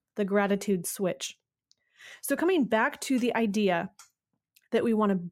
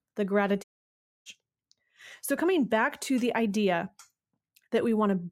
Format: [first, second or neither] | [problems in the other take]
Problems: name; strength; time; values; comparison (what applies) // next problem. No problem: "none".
first | audio cutting out; at 0.5 s for 0.5 s